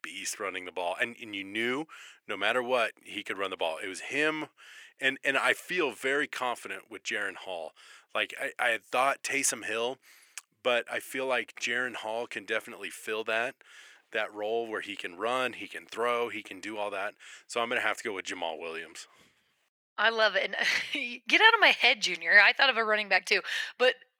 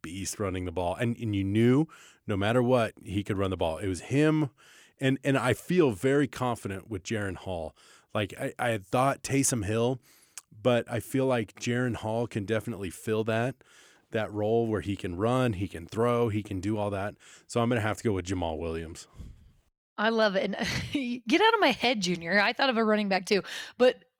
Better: second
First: thin; very; fading below 500 Hz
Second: none

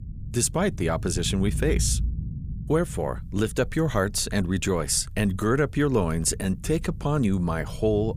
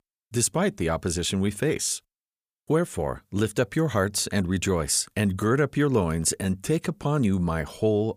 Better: second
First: low rumble; faint; throughout; 20 dB below the speech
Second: none

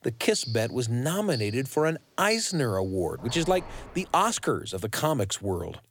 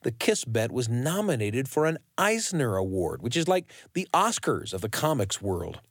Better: second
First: household noises; noticeable; until 4 s; 10 dB below the speech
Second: none

